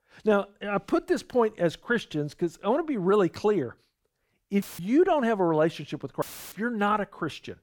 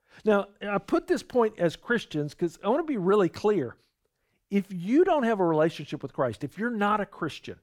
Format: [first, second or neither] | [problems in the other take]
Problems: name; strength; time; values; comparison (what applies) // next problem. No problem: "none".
second | audio cutting out; filled with static; at 4.5 s and at 6 s